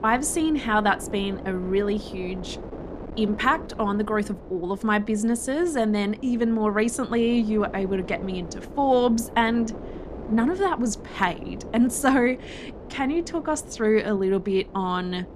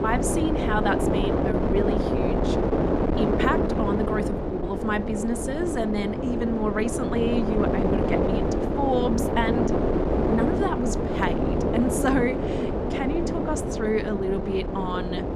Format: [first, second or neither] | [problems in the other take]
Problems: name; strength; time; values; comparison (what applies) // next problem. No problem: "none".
first | wind noise on the microphone; heavy; 1 dB above the speech; occasional gusts in the first